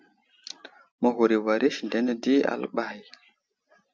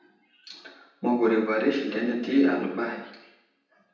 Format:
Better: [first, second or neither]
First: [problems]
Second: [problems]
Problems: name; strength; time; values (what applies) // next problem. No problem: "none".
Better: first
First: none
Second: room echo; dies away in 0.9 s